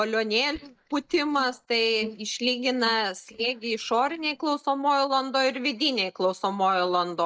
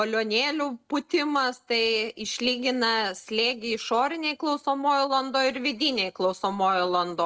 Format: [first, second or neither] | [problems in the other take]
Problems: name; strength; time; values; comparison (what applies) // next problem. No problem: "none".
second | noise reduction (neural mask model DeepFilterNet 3)